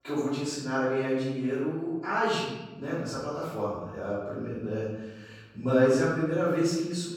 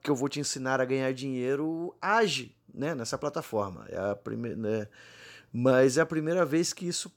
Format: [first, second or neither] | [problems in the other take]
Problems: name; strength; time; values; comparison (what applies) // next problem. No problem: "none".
second | off-mic speech; far // room echo; strong; dies away in 1.1 s